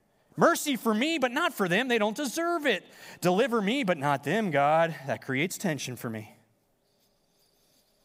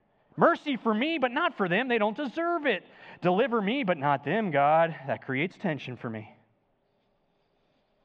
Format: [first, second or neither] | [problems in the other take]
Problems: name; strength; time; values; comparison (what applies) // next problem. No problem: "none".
first | muffled; very; fading above 3 kHz